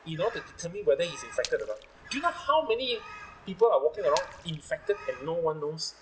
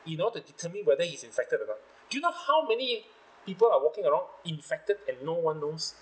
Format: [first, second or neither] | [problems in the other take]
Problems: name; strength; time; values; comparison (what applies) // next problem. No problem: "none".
second | background sound (Splash, splatter + Bird); 15 dB below the speech